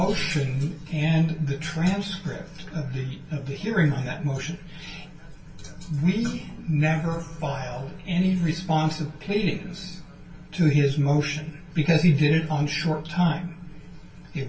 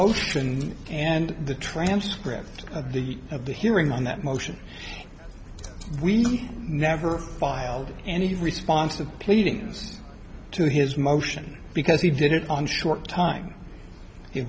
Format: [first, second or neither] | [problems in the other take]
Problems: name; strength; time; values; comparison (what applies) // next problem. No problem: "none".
second | room echo; dies away in 0.2 s